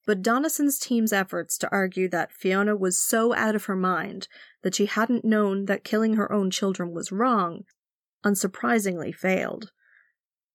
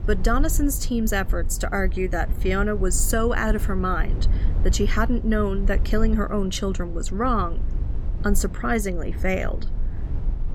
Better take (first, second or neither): first